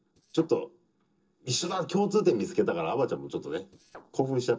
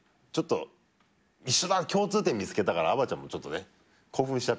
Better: second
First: noise reduction (neural separator model SepFormer DNS4)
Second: none

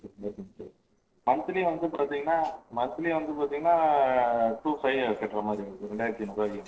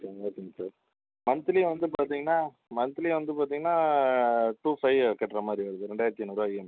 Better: second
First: noise reduction (neural separator model SepFormer DNS4)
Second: none

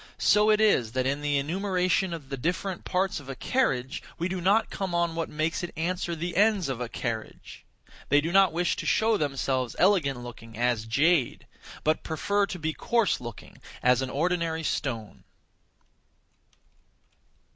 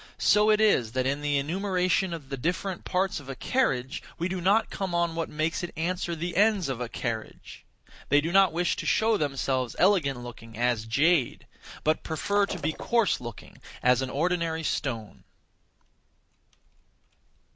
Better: first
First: none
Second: background sound (Shatter); 13 dB below the speech

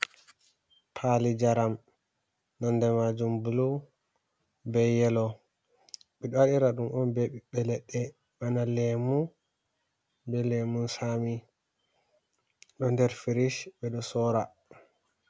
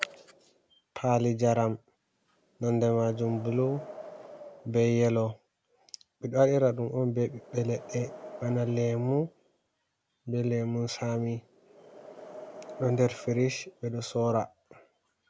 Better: first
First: none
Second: background sound (Wind); 19 dB below the speech

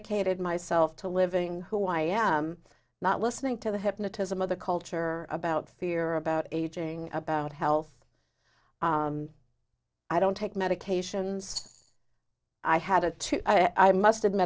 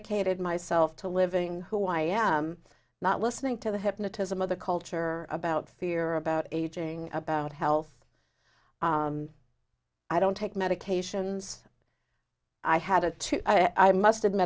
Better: second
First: noise reduction (neural separator model SepFormer DNS4)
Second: none

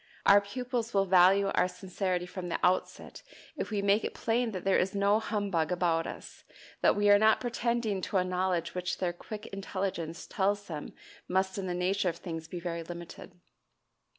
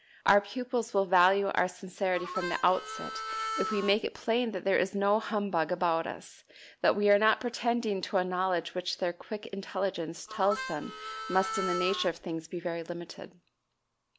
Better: first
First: none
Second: background sound (Harmonica); 7 dB below the speech

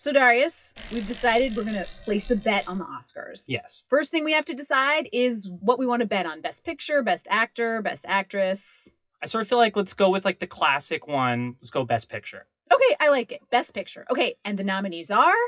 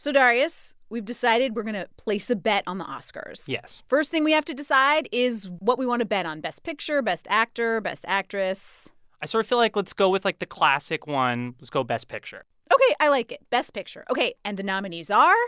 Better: second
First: noise reduction (classical method WPE with log-MMSE)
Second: none

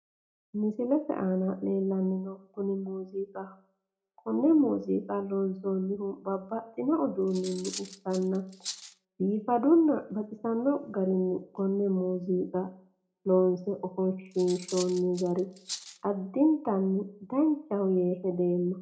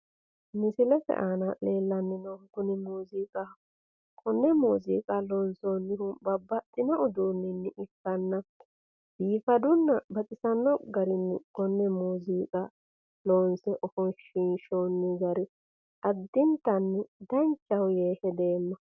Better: second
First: background sound (Cutlery, silverware); 14 dB below the speech // room echo; dies away in 0.4 s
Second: none

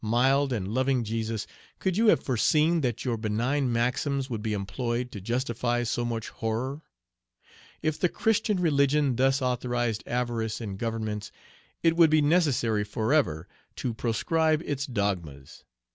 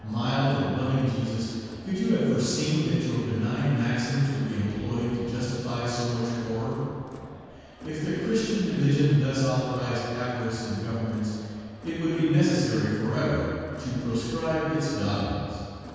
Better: first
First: none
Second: background sound (Crowd); 19 dB below the speech // room echo; dies away in 2.1 s

